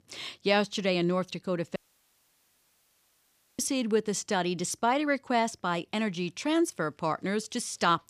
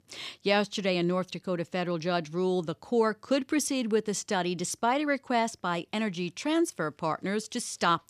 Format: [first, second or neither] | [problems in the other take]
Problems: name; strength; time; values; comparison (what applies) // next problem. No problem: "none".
second | audio cutting out; at 2 s for 2 s